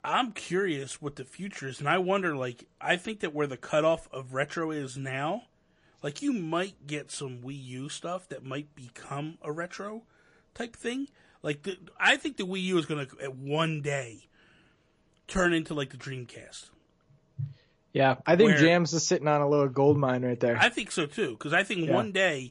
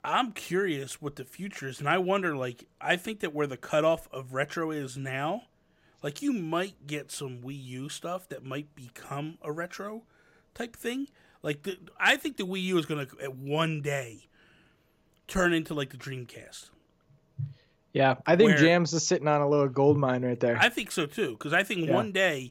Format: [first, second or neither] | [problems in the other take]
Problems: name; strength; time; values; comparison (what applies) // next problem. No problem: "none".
second | garbled, watery; slightly; nothing above 10.5 kHz